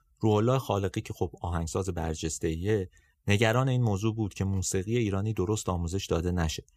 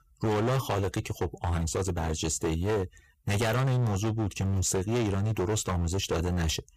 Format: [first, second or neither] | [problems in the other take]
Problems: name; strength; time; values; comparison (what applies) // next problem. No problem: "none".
first | distortion; heavy; 21% of the sound clipped